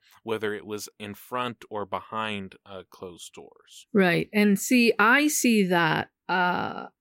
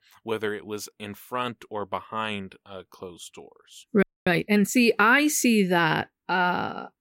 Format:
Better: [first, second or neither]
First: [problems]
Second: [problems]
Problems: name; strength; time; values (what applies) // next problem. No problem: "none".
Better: first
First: none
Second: audio freezing; at 4 s